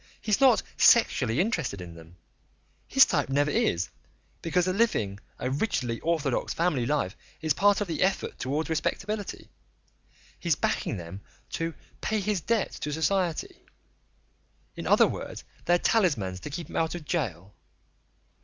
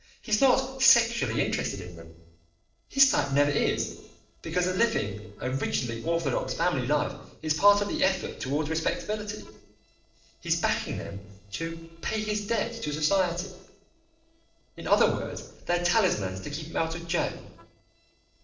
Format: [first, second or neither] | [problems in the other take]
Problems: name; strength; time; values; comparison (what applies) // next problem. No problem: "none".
first | noise reduction (neural separator model SepFormer DNS4)